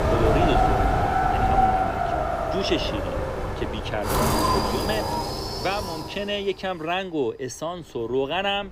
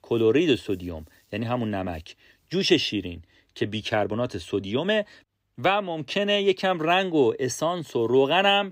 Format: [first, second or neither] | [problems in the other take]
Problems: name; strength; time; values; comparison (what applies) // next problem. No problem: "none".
second | wind in the background; very loud; throughout; 5 dB above the speech